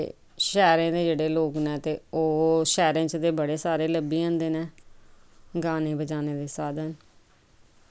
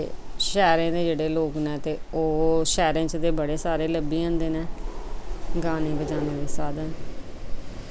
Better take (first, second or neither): first